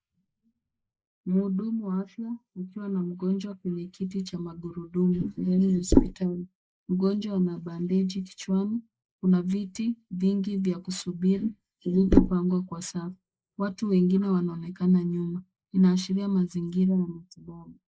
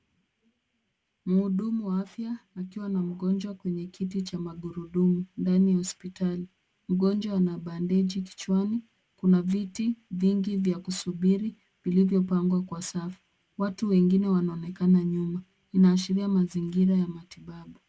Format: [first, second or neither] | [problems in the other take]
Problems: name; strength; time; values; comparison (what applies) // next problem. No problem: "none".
second | noise reduction (neural mask model Resemble Enhance denoiser)